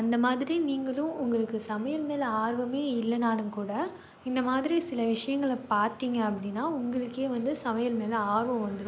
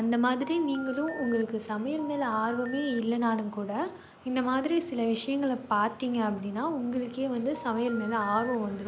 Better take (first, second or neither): first